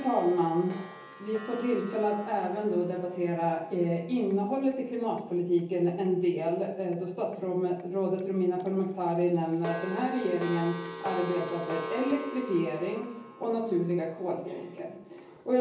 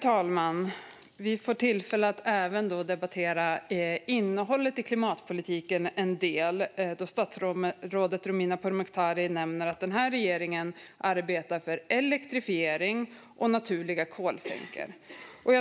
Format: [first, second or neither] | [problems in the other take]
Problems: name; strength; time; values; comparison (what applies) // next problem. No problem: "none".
second | background sound (Clock); 14 dB below the speech // room echo; dies away in 0.7 s